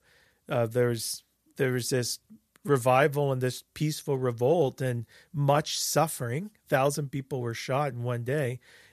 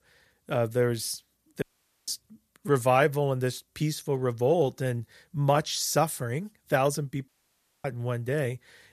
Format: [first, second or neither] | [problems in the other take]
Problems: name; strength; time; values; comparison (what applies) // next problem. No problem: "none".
first | audio cutting out; at 1.5 s and at 7.5 s for 0.5 s